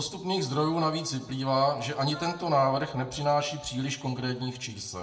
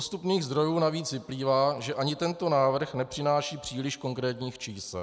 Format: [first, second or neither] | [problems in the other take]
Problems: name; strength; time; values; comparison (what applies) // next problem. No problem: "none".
second | background sound (Wind instrument, woodwind instrument); 18 dB below the speech // room echo; dies away in 0.6 s